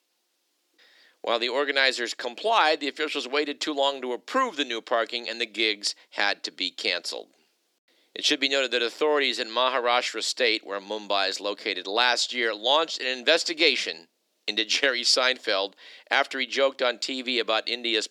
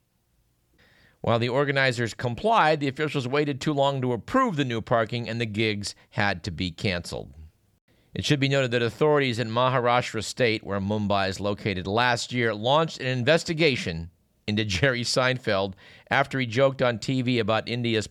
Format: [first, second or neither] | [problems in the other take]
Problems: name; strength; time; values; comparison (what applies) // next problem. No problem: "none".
second | thin; somewhat; fading below 300 Hz